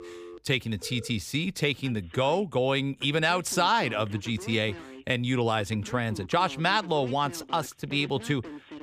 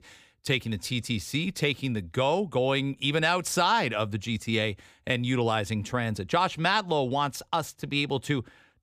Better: second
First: alarms or sirens; noticeable; throughout; 15 dB below the speech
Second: none

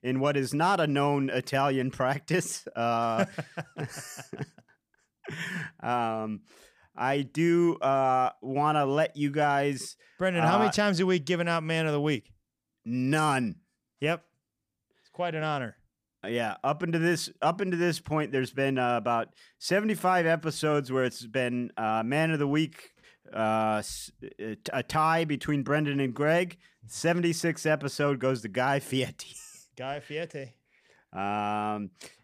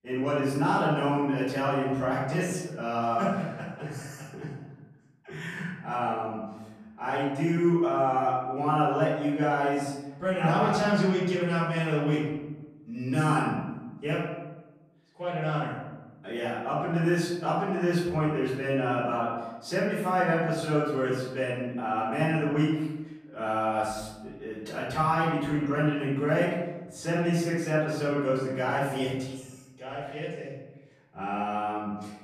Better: first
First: none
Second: off-mic speech; far // room echo; noticeable; dies away in 1.1 s

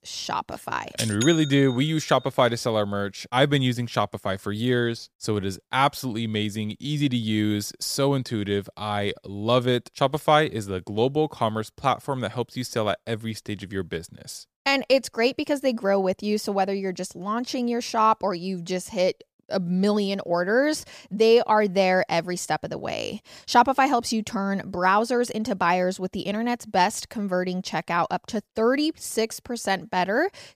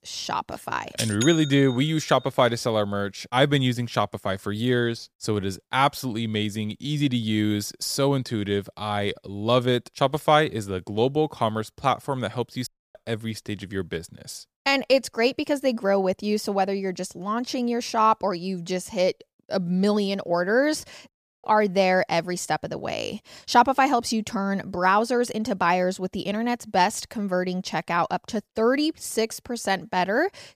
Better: first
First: none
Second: audio cutting out; at 13 s and at 21 s

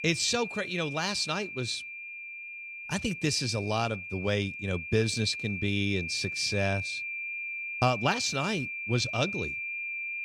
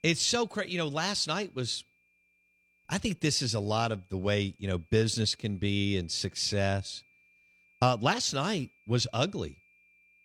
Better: second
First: high-pitched whine; loud; throughout; 2.5 kHz, 5 dB below the speech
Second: high-pitched whine; faint; throughout; 2.5 kHz, 35 dB below the speech

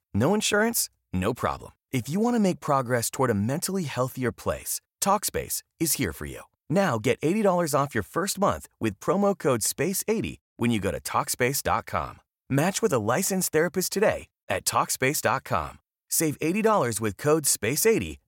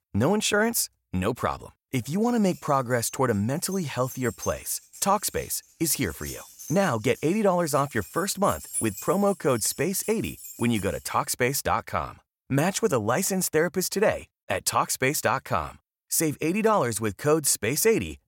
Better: first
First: none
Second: jangling keys; noticeable; from 3 to 11 s; peak 5 dB below the speech

